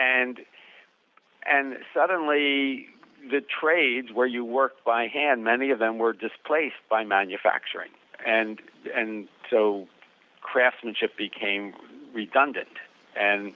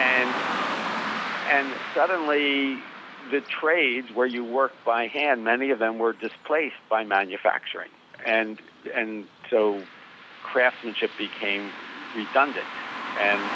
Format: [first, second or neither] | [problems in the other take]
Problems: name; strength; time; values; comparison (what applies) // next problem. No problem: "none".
first | background sound (Car passing by); 10 dB below the speech